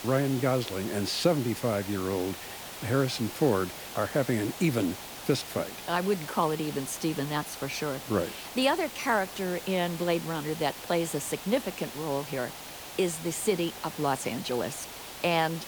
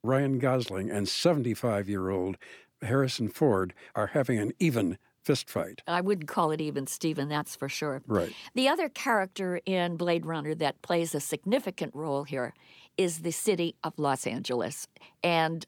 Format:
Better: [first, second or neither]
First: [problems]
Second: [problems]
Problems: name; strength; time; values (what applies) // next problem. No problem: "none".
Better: second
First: hiss; loud; throughout; 10 dB below the speech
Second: none